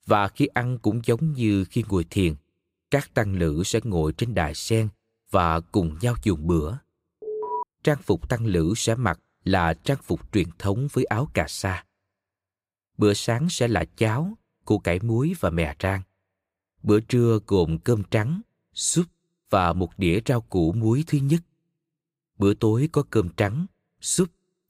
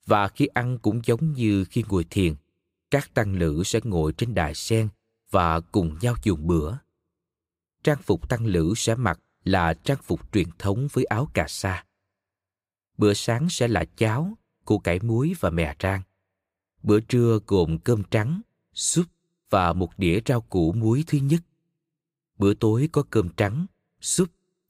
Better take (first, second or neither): second